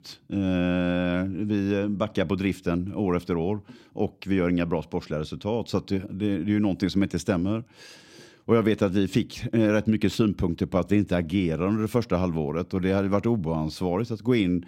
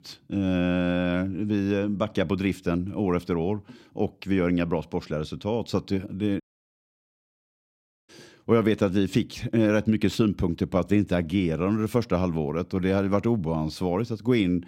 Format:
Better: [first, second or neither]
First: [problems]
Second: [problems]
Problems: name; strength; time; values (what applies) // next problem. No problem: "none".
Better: first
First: none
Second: audio cutting out; at 6.5 s for 1.5 s